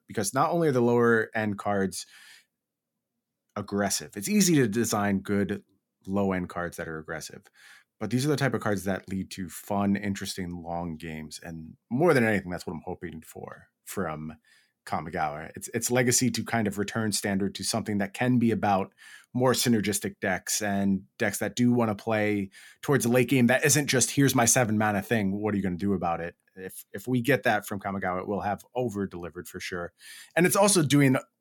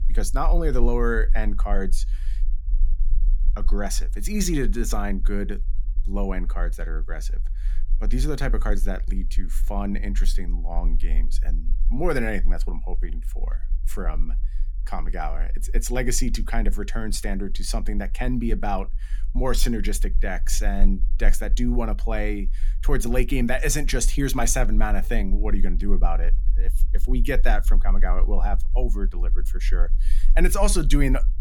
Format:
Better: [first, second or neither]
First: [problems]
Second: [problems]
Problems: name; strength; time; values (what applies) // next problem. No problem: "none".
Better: first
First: none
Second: low rumble; faint; throughout; 25 dB below the speech